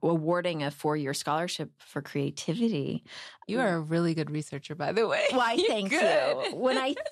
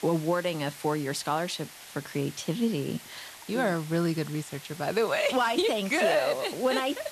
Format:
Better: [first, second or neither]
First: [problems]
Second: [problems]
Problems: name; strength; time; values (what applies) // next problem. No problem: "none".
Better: first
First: none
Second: hiss; noticeable; throughout; 15 dB below the speech